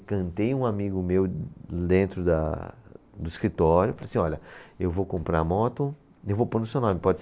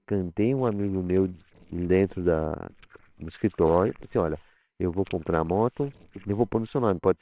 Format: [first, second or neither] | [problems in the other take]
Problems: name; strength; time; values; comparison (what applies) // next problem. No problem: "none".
first | noise reduction (neural separator model SepFormer WHAMR!)